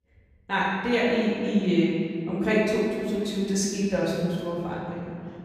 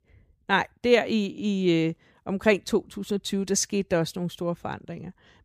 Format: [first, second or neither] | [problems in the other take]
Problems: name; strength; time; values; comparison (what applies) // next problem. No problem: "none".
second | room echo; strong; dies away in 2.5 s // off-mic speech; far